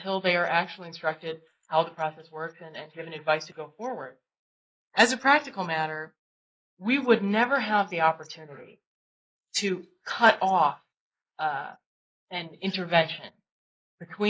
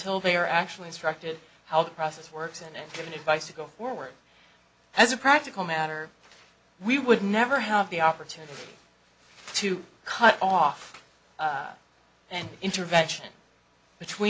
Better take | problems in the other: second | noise reduction (neural mask model Resemble Enhance denoiser)

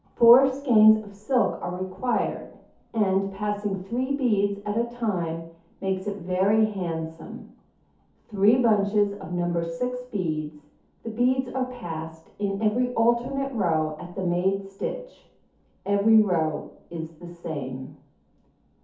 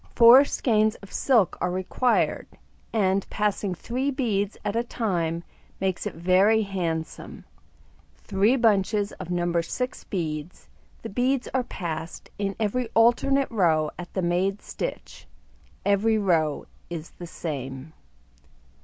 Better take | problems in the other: second | room echo; dies away in 0.5 s

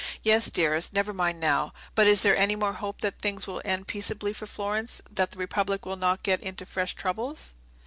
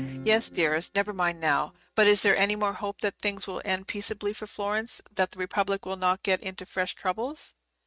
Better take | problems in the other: first | noise reduction (neural mask model RNNoise)

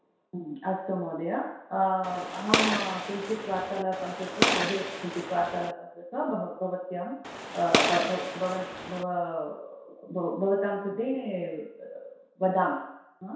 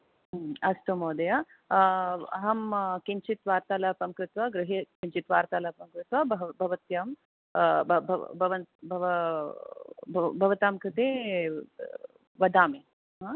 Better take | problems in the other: second | background sound (Gunshot, gunfire); as loud as the speech // room echo; dies away in 0.7 s

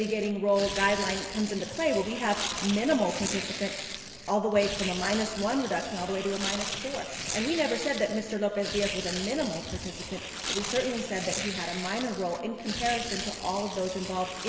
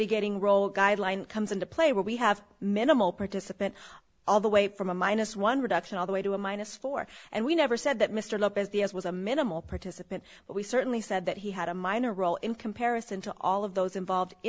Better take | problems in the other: second | background sound (Tearing); 7 dB below the speech // room echo; dies away in 2.8 s

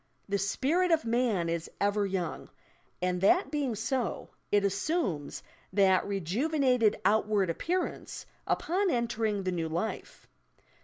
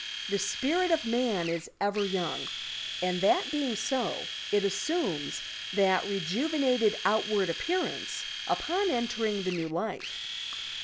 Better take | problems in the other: first | background sound (Domestic sounds, home sounds); 7 dB below the speech

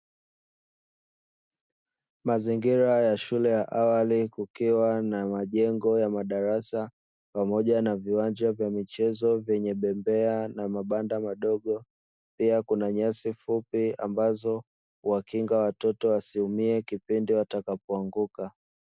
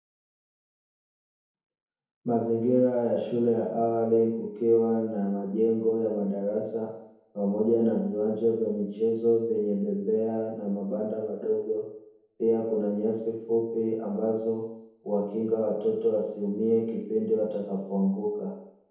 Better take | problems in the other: first | room echo; dies away in 0.9 s

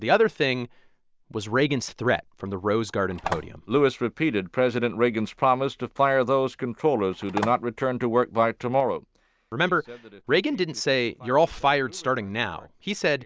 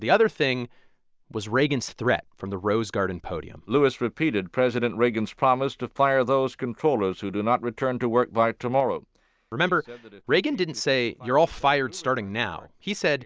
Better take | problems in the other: second | background sound (Telephone); 11 dB below the speech

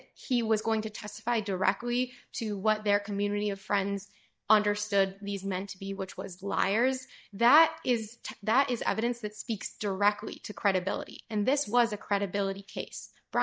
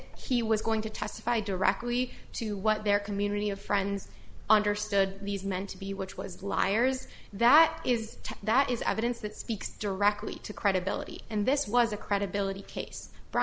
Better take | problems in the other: second | noise reduction (neural mask model DeepFilterNet 3)

